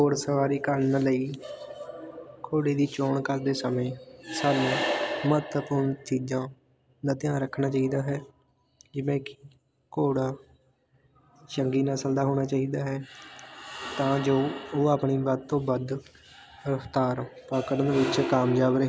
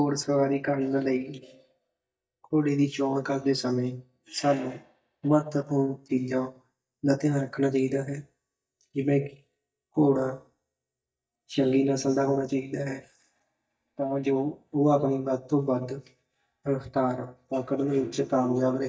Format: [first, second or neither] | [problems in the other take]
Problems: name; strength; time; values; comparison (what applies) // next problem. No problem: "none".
first | noise reduction (neural mask model DeepFilterNet 3)